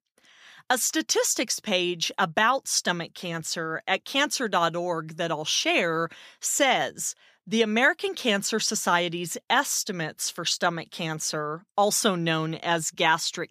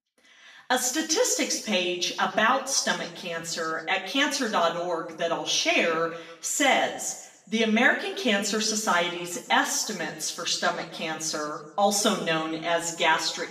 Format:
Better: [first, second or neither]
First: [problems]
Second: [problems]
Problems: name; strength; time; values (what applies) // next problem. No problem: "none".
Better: first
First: none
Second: room echo; slight; dies away in 0.7 s // off-mic speech; far